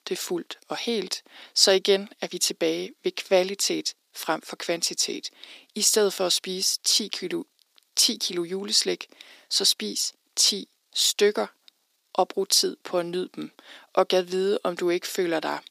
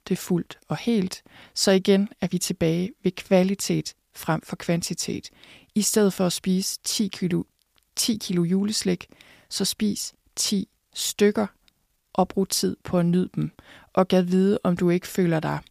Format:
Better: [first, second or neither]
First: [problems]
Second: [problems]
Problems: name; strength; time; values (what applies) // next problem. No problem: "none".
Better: second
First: thin; somewhat; fading below 300 Hz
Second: none